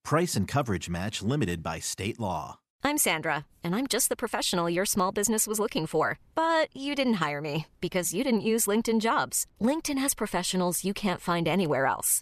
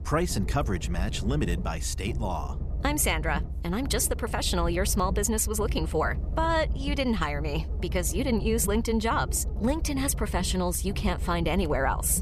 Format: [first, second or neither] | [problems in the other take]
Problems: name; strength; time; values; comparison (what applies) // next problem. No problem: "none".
first | low rumble; noticeable; throughout; 15 dB below the speech